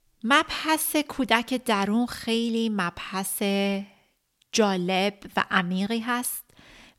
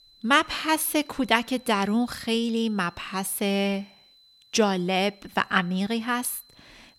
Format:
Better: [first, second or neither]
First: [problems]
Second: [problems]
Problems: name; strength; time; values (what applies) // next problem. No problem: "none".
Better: first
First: none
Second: high-pitched whine; faint; throughout; 4 kHz, 30 dB below the speech